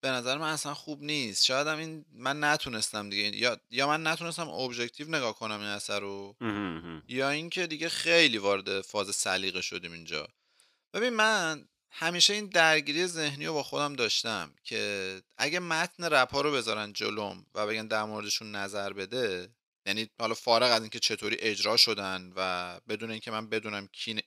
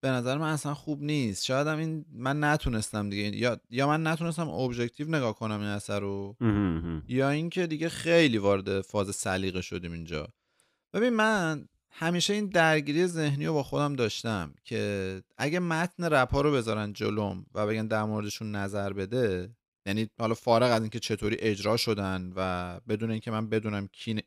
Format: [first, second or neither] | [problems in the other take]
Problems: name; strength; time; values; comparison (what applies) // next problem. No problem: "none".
second | thin; somewhat; fading below 700 Hz